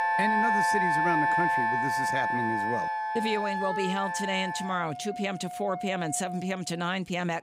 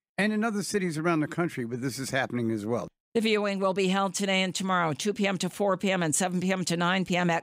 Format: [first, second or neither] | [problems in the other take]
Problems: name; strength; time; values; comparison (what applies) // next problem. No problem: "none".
second | background music; very loud; throughout; 4 dB above the speech